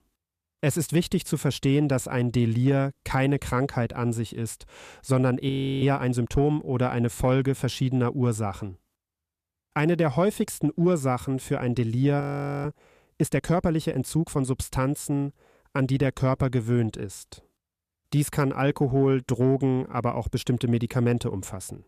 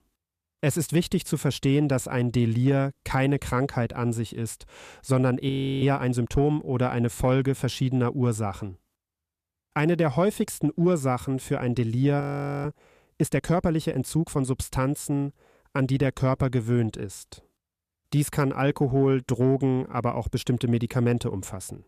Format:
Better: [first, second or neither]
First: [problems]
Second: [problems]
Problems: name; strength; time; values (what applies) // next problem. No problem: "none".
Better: neither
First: audio freezing; at 5.5 s and at 12 s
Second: audio freezing; at 5.5 s and at 12 s